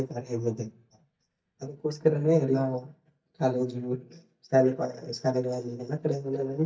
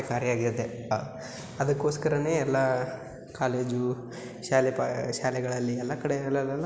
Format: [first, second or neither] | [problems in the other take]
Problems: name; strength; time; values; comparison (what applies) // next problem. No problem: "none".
second | noise reduction (neural mask model DeepFilterNet 3)